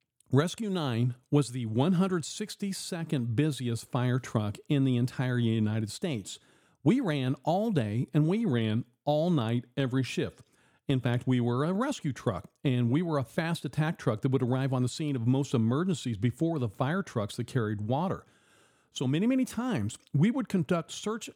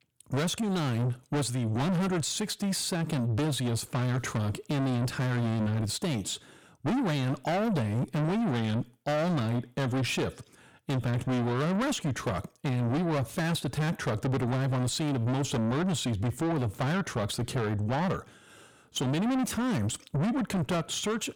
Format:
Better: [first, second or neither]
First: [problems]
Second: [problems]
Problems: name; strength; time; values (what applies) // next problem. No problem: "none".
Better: first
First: none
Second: distortion; heavy; 5 dB below the speech